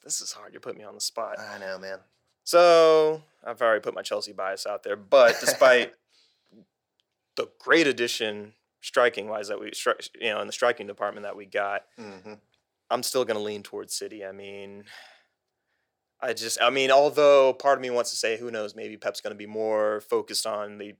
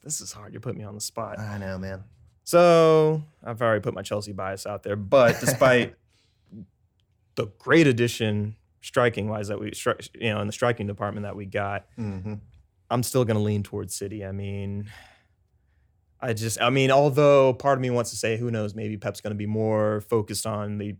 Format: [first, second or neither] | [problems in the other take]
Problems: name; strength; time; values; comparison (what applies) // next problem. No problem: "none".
second | thin; somewhat; fading below 450 Hz